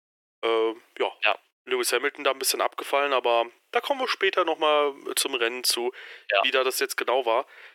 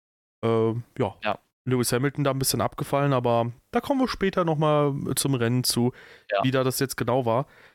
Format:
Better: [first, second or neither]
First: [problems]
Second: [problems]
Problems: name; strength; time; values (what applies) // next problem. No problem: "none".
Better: second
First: thin; very; fading below 350 Hz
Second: none